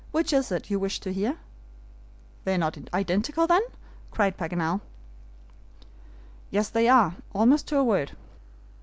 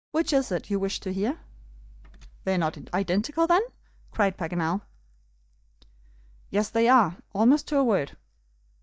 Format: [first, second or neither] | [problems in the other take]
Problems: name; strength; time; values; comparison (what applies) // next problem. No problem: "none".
first | noise reduction (neural mask model DeepFilterNet 3)